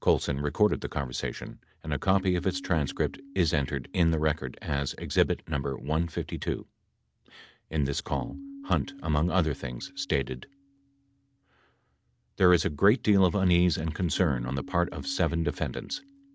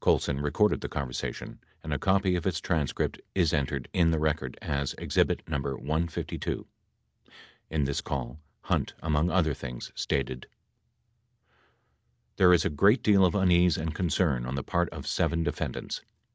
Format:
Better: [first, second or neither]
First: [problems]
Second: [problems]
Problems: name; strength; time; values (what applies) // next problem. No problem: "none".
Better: second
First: background sound (Keyboard (musical)); 20 dB below the speech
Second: none